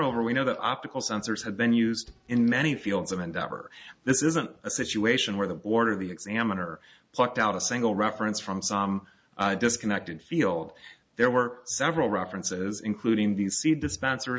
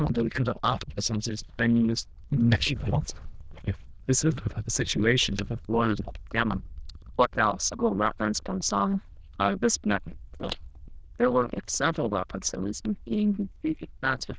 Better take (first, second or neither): first